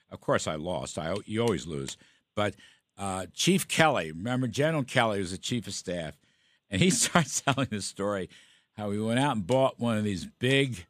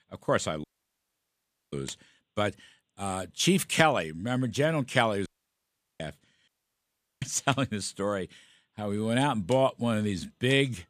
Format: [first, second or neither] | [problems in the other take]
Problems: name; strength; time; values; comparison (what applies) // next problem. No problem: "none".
first | audio cutting out; at 0.5 s for 1 s, at 5.5 s for 0.5 s and at 6.5 s for 0.5 s